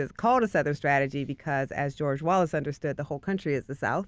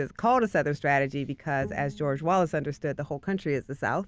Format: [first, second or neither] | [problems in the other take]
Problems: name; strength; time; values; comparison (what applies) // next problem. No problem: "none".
first | background sound (Bowed string instrument); 18 dB below the speech